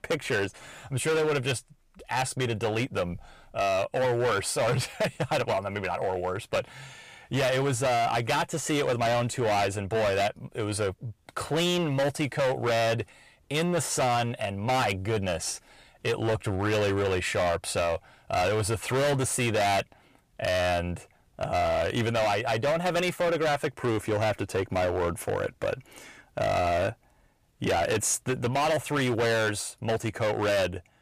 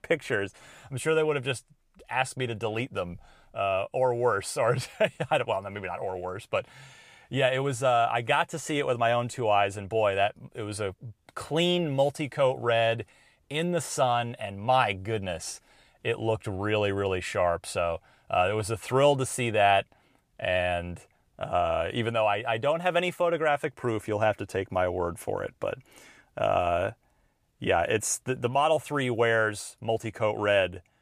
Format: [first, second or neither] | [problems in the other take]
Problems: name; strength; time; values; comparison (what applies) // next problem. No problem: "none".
second | distortion; heavy; 19% of the sound clipped